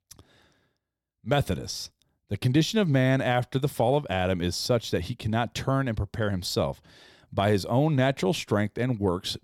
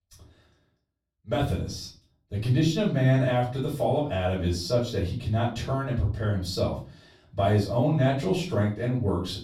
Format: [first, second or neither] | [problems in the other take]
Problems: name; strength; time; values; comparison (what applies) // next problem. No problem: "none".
first | off-mic speech; far // room echo; slight; dies away in 0.4 s